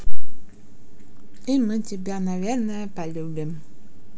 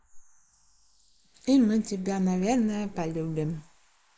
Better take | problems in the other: first | noise reduction (neural mask model Resemble Enhance denoiser)

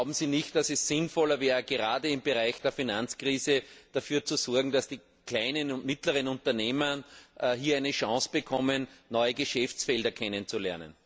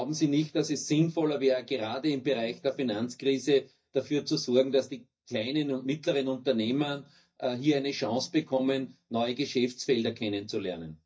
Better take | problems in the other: first | noise reduction (neural mask model DeepFilterNet 3)

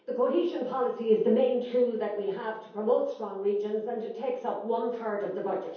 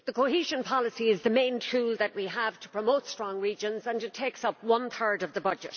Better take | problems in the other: second | room echo; dies away in 0.7 s

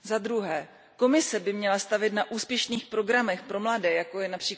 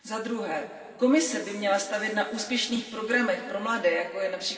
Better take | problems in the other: first | room echo; dies away in 2.2 s

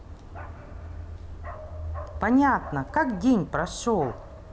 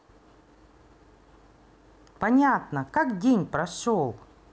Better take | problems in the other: second | background sound (Bark); 11 dB below the speech

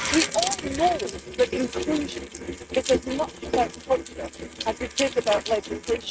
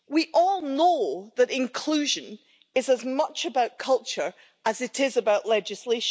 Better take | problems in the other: second | noise reduction (neural mask model RNNoise)

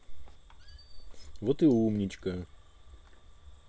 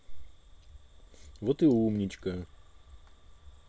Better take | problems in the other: second | background sound (Squeak); 14 dB below the speech

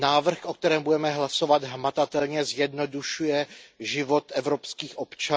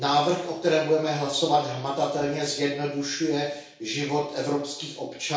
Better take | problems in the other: first | room echo; dies away in 0.6 s

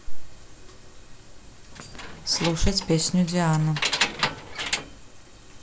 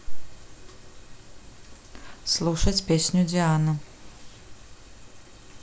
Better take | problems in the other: second | background sound (Keys jangling); 5 dB below the speech

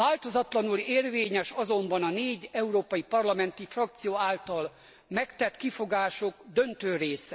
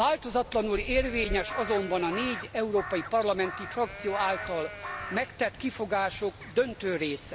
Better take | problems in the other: first | background sound (Livestock, farm animals, working animals + Crow); 10 dB below the speech

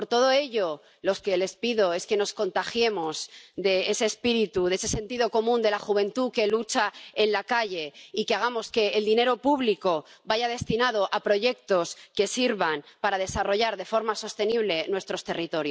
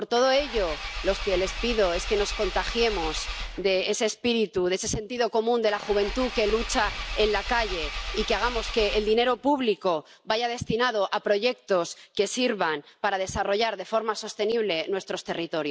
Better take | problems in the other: first | background sound (Engine / Car); 7 dB below the speech

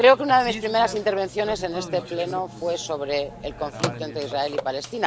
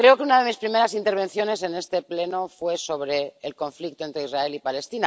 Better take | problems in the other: second | background sound (Burping, eructation + Telephone); 12 dB below the speech

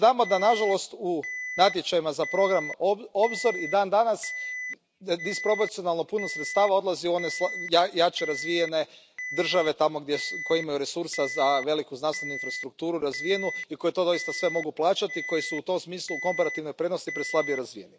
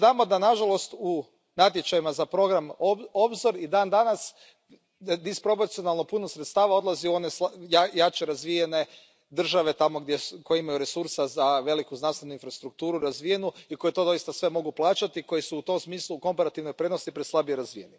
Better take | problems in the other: second | background sound (Alarm); 10 dB below the speech

